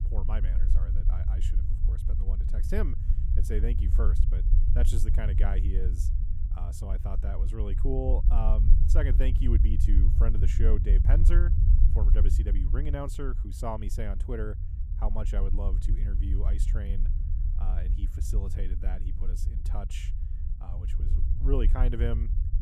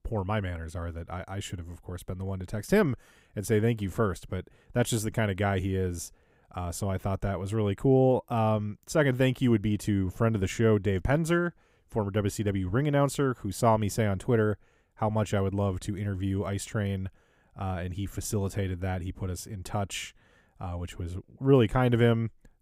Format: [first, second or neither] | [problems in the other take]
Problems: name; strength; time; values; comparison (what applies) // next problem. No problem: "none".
second | low rumble; loud; throughout; 7 dB below the speech